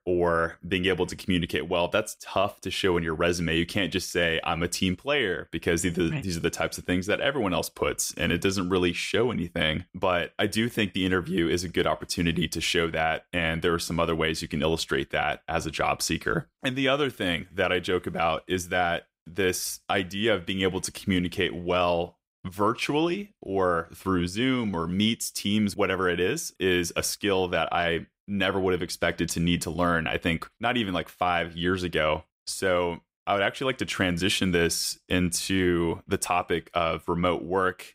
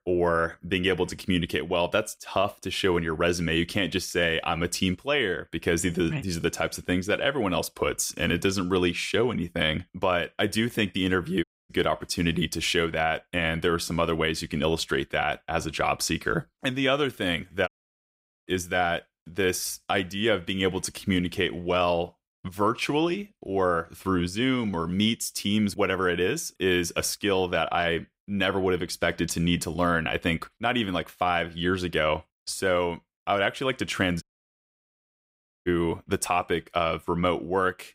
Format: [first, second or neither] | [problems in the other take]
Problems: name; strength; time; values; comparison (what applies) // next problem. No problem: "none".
first | audio cutting out; at 11 s, at 18 s for 1 s and at 34 s for 1.5 s